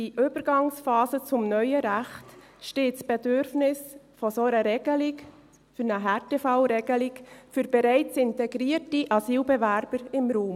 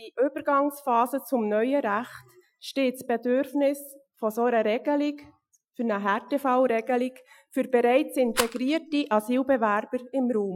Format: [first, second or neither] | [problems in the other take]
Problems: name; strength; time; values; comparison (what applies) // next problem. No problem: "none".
first | noise reduction (classical method Wiener filter)